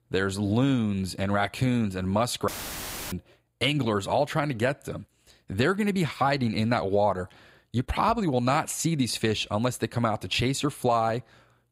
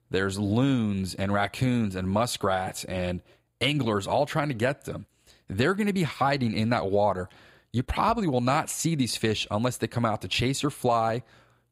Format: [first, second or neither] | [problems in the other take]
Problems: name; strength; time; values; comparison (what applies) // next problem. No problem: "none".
second | audio cutting out; filled with static; at 2.5 s for 0.5 s